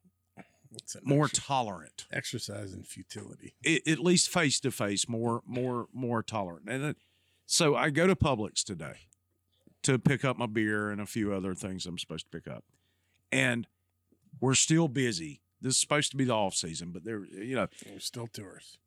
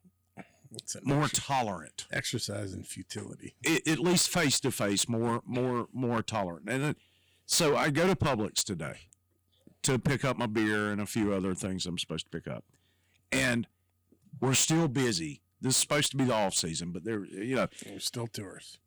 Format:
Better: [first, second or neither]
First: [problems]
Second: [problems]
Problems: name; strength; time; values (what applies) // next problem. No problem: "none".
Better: first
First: none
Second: distortion; heavy; 7% of the sound clipped